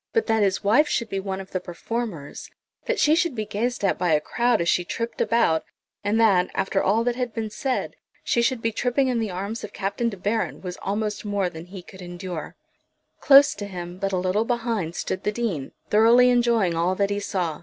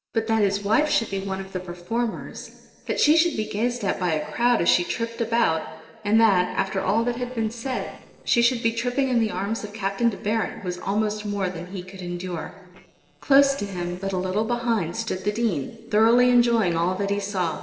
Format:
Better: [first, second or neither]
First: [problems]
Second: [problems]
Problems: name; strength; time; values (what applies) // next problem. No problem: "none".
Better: first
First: none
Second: noise reduction (neural separator model SepFormer DNS4)